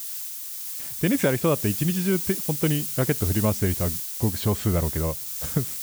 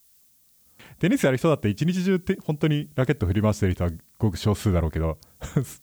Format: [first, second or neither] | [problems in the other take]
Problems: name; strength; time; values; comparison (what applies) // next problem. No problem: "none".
second | hiss; loud; throughout; 3 dB below the speech; faint in the second